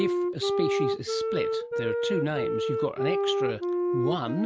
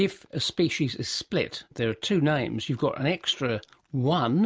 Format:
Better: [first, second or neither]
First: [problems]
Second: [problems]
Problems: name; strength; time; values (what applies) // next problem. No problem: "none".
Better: second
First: background sound (Wind instrument, woodwind instrument); 4 dB above the speech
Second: none